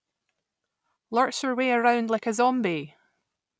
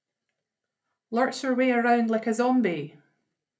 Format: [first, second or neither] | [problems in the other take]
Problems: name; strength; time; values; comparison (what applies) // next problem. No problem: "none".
first | room echo; dies away in 0.3 s